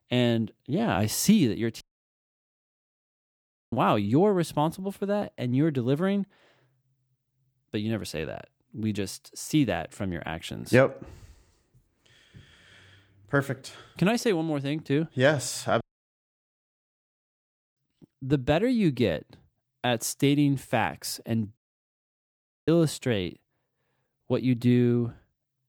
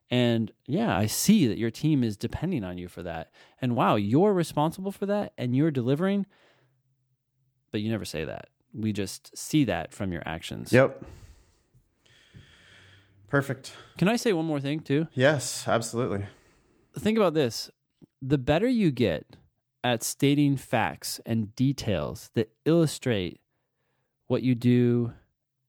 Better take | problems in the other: second | audio cutting out; at 2 s for 2 s, at 16 s for 2 s and at 22 s for 1 s

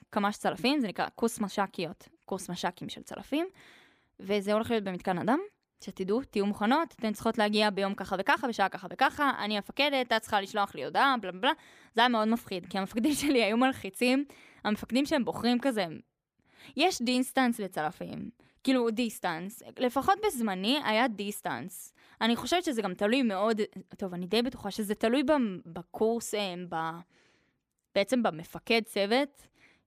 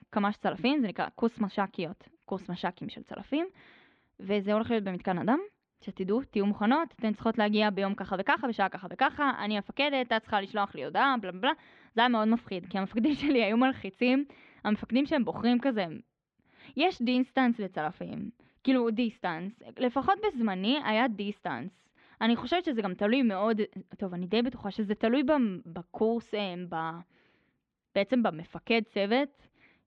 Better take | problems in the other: first | muffled; very slightly; fading above 3.5 kHz

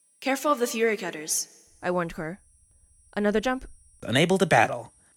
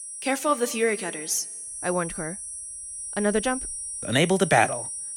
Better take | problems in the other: first | high-pitched whine; loud; throughout; 9.5 kHz, 8 dB below the speech; faint in the first

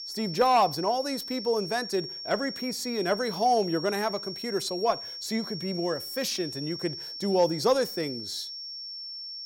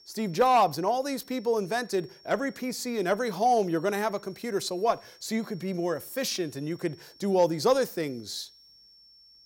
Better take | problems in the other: second | high-pitched whine; loud; throughout; 5.5 kHz, 7 dB below the speech; faint in the second

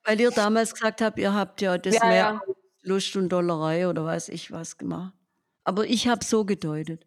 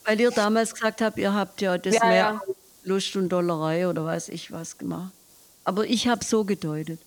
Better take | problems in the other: first | hiss; faint; throughout; 25 dB below the speech

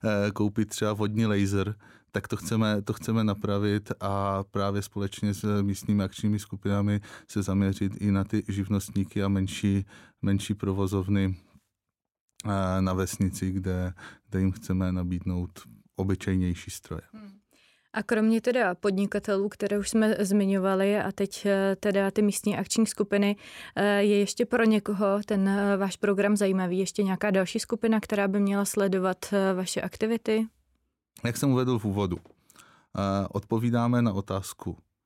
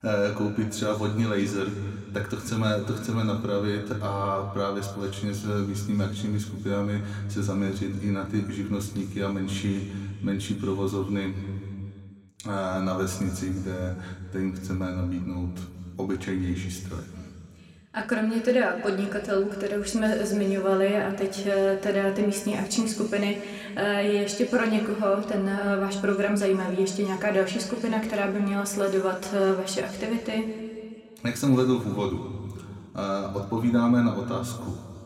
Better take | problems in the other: first | room echo; slight; dies away in 2.1 s // off-mic speech; somewhat distant

